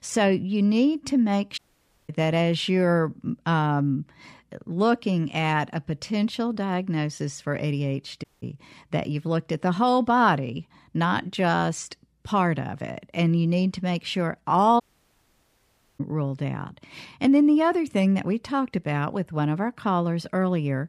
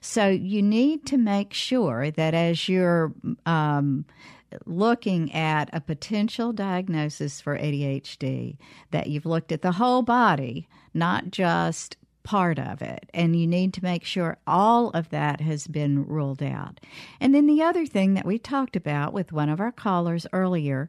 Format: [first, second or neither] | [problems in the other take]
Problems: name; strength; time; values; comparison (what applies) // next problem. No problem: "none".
second | audio cutting out; at 1.5 s for 0.5 s, at 8 s and at 15 s for 1 s